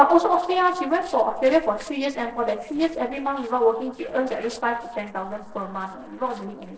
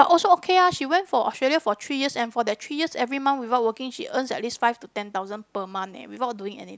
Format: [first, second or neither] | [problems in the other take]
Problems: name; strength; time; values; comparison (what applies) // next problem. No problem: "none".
second | noise reduction (neural separator model SepFormer DNS4)